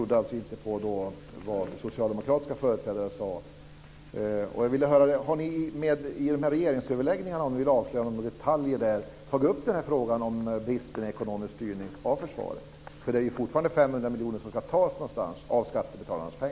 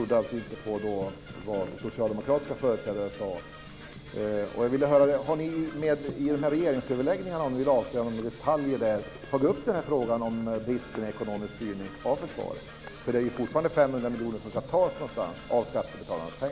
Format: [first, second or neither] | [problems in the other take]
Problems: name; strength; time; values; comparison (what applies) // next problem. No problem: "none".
first | background sound (Brass instrument / Percussion); 17 dB below the speech